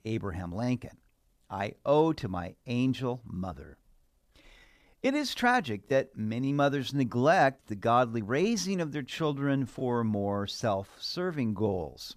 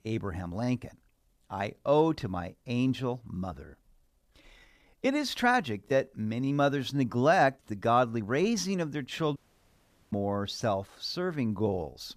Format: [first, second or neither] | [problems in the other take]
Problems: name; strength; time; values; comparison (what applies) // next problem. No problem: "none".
first | audio cutting out; at 9.5 s for 1 s